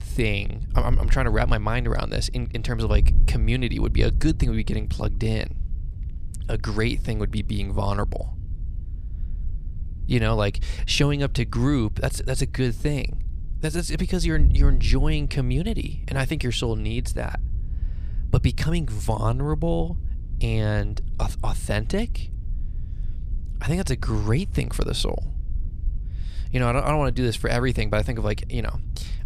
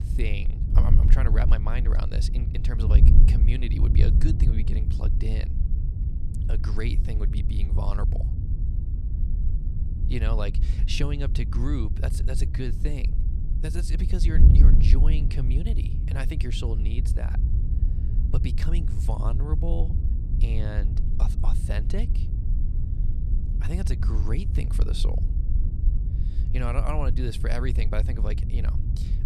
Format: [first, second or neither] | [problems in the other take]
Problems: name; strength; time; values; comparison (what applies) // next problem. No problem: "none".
first | wind noise on the microphone; heavy; 5 dB below the speech; occasional gusts in the first